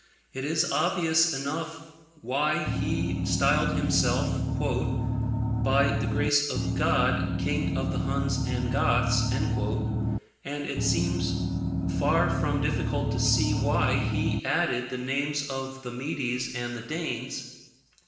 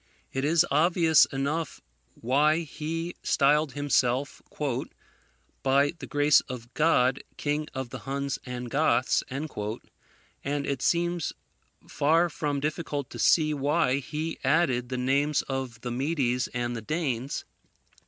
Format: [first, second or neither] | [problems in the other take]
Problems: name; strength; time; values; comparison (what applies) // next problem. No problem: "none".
second | background sound (Engine); 3 dB above the speech // room echo; dies away in 0.9 s